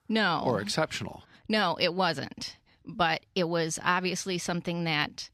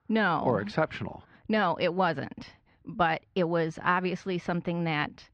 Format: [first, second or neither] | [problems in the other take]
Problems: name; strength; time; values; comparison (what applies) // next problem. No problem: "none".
first | muffled; very; fading above 2 kHz